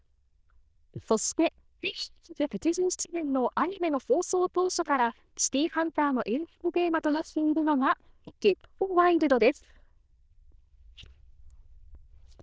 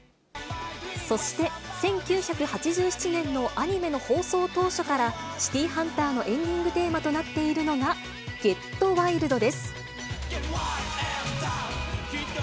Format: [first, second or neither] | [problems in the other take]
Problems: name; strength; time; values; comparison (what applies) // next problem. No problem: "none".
second | noise reduction (neural diffusion model UNIVERSE++)